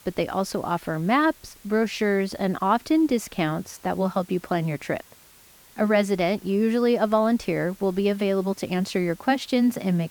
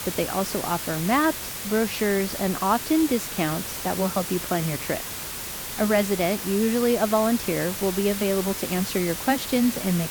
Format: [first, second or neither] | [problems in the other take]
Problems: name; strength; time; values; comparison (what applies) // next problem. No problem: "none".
first | hiss; loud; throughout; 6 dB below the speech; faint in the first